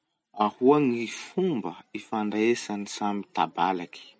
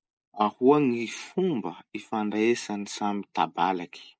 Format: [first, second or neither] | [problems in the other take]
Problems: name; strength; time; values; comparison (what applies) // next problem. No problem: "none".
first | noise reduction (neural mask model Resemble Enhance denoiser)